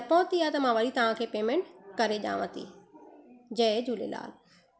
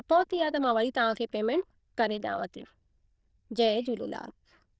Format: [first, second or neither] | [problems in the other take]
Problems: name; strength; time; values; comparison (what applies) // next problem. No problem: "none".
first | noise reduction (neural diffusion model UNIVERSE++)